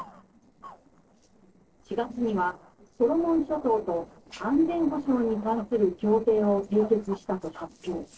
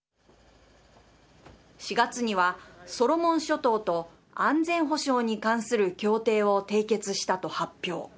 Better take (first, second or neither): second